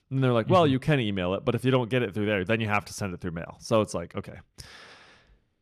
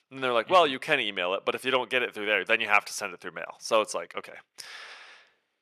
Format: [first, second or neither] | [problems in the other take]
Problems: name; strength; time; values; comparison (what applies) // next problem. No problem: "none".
first | thin; very; fading below 600 Hz